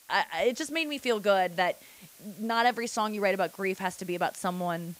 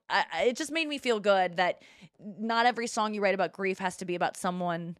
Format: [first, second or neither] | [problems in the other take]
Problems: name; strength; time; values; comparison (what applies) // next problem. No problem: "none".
second | hiss; faint; throughout; 20 dB below the speech